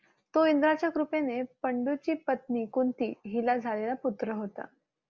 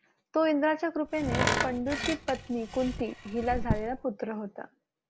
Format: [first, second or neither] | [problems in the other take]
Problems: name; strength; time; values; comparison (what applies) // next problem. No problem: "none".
first | background sound (Tools); 2 dB below the speech